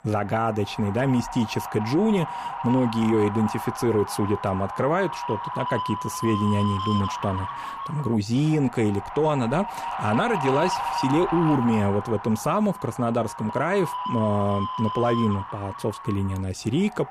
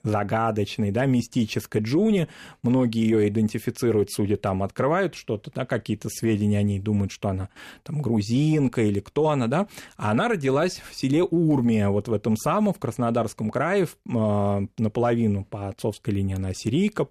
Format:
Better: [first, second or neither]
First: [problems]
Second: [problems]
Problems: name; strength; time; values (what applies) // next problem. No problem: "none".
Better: second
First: wind noise on the microphone; heavy; 2 dB below the speech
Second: none